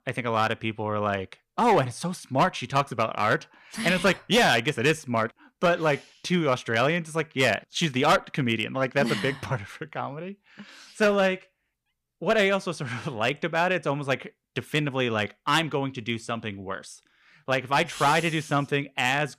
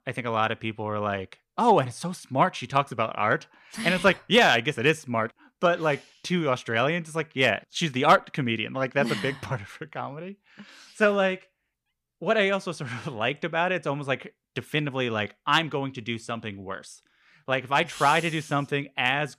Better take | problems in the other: second | distortion; slight; 3% of the sound clipped

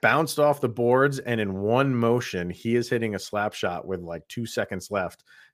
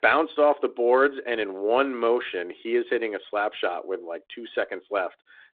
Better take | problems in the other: first | phone-call audio

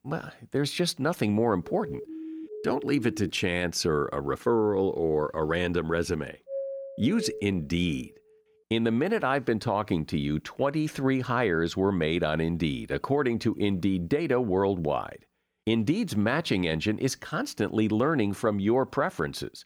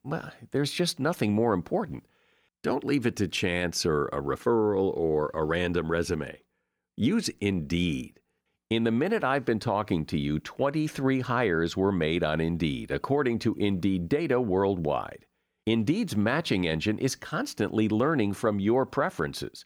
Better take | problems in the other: second | siren; faint; from 1.5 to 3.5 s; peak 10 dB below the speech // doorbell; noticeable; from 6.5 to 7.5 s; peak 7 dB below the speech

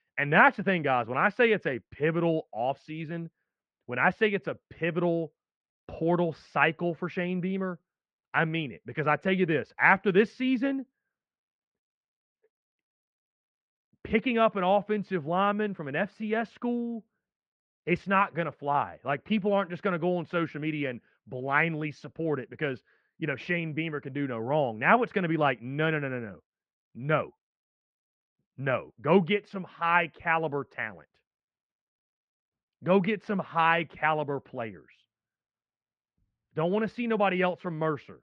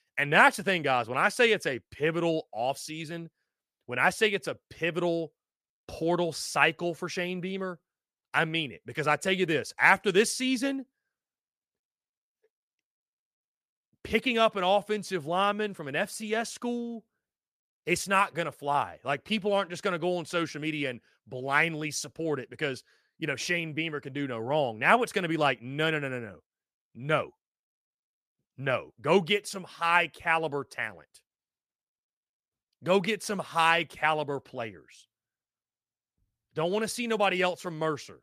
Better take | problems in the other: second | muffled; very; fading above 2.5 kHz

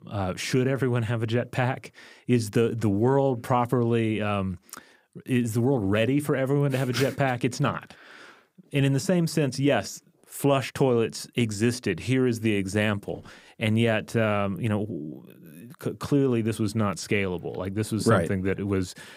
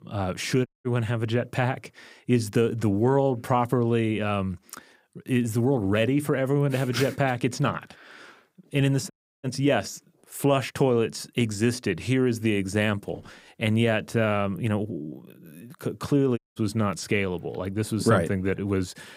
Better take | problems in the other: first | audio cutting out; at 0.5 s, at 9 s and at 16 s

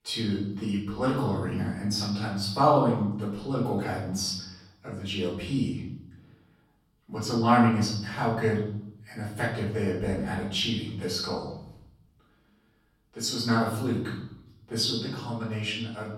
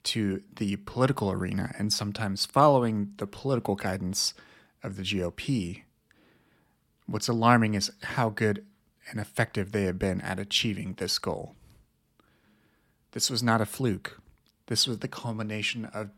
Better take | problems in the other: second | off-mic speech; far // room echo; noticeable; dies away in 0.8 s

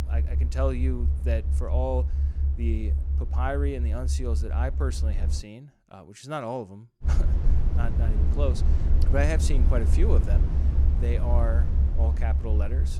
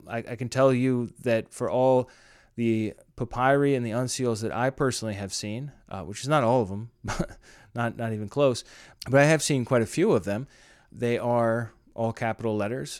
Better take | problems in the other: second | low rumble; loud; until 5.5 s and from 7 s on; 8 dB below the speech

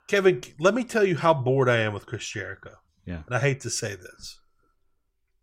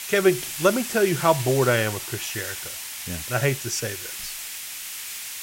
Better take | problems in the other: first | hiss; loud; throughout; 7 dB below the speech

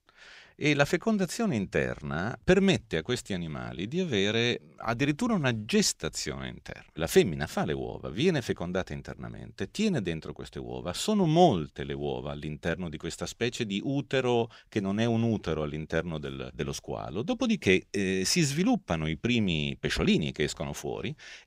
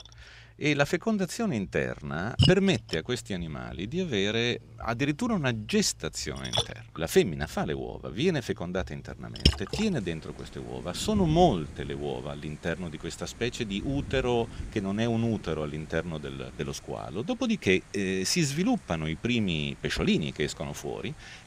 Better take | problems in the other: first | rain or running water; loud; throughout; 5 dB below the speech

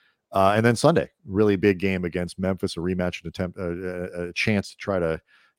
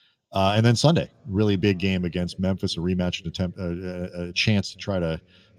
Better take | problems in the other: first | room echo; very slight; dies away in 3 s

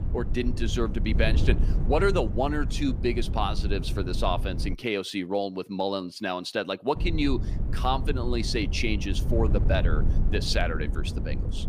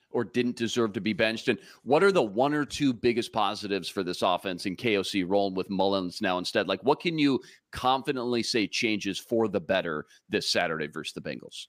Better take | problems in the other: second | wind noise on the microphone; occasional gusts; until 4.5 s and from 7 s on; 15 dB below the speech

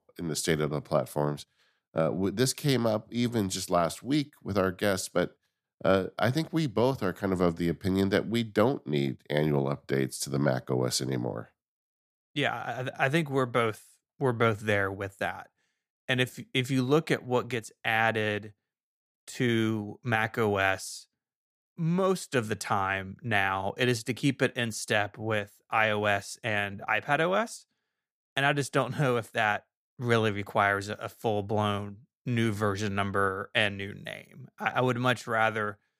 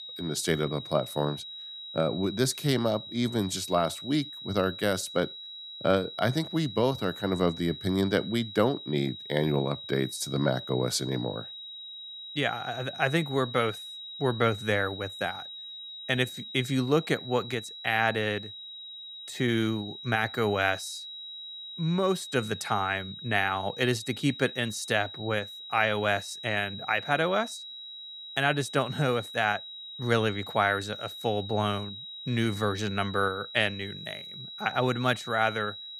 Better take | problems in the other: first | high-pitched whine; noticeable; throughout; 4 kHz, 10 dB below the speech

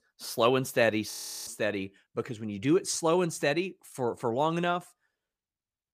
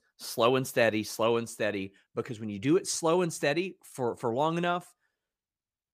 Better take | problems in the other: second | audio freezing; at 1 s

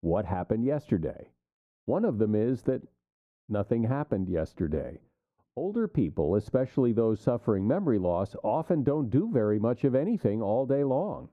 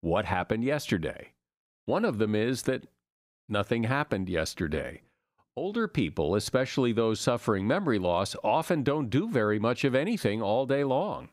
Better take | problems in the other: second | muffled; very; fading above 1.5 kHz

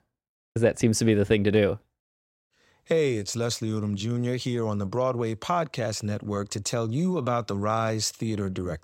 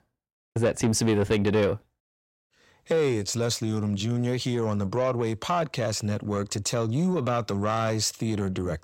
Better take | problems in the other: first | distortion; slight; 10 dB below the speech

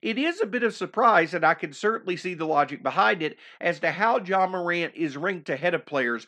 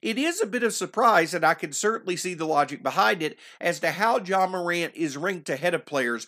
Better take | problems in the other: second | muffled; slightly; fading above 3 kHz

